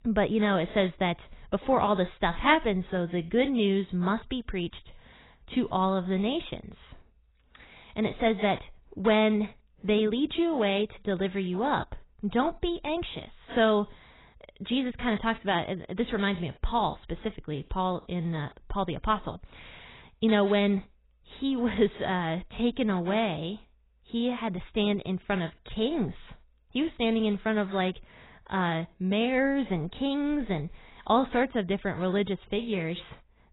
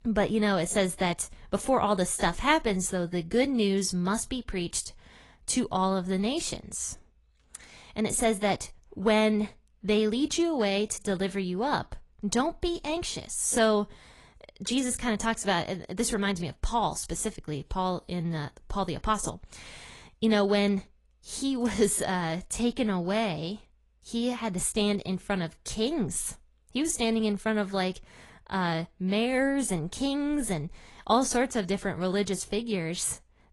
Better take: second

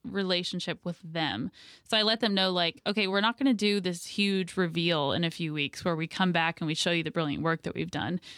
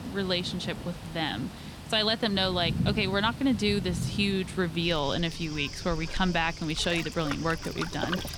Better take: first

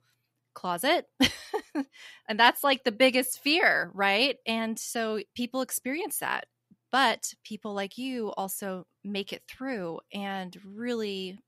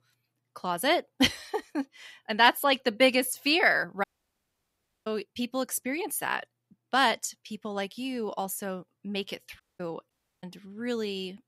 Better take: first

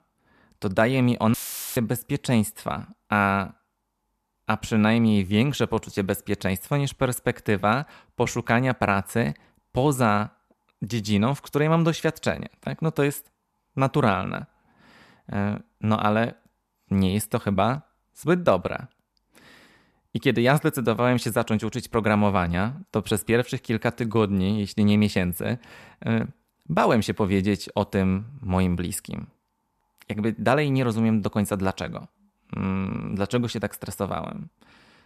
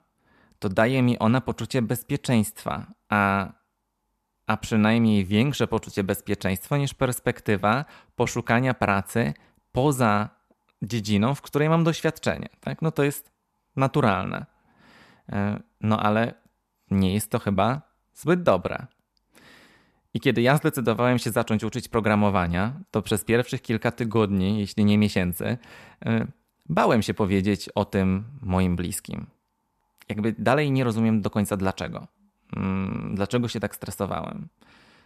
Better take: second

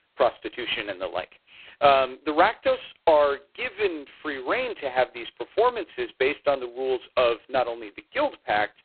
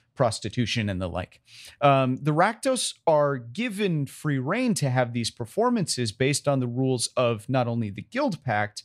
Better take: second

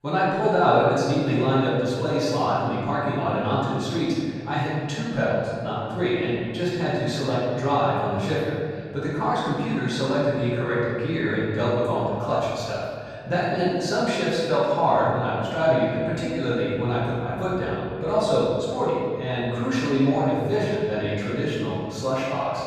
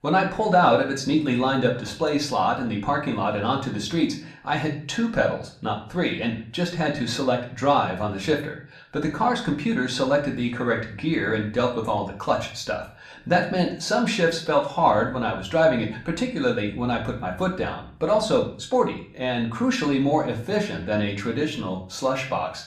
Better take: second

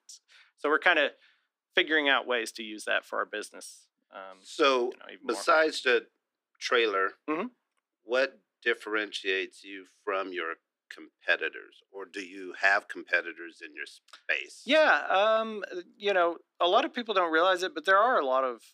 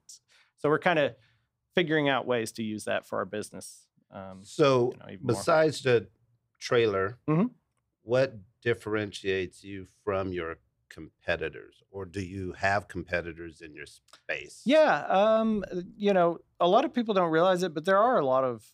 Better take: second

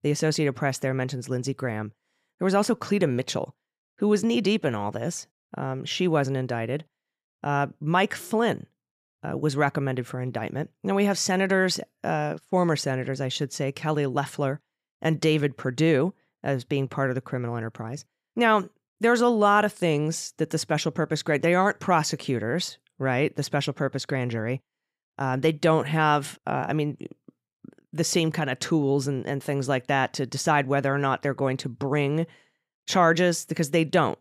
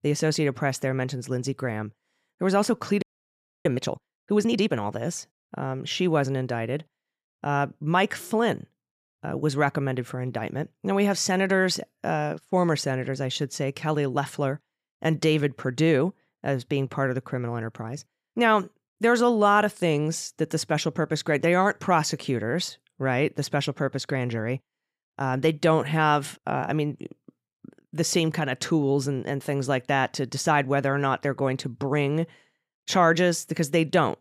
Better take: first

